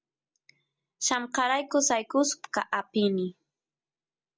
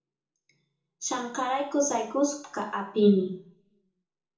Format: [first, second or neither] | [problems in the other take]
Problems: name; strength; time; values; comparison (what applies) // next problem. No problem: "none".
first | room echo; dies away in 0.8 s